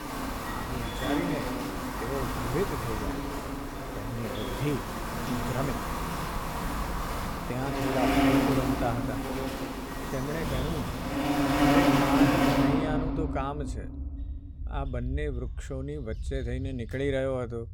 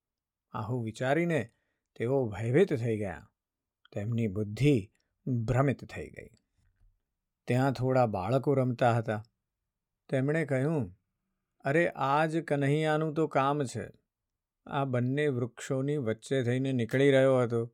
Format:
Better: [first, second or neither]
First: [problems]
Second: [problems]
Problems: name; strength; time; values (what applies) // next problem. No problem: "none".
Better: second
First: animal sounds; very loud; throughout; 5 dB above the speech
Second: none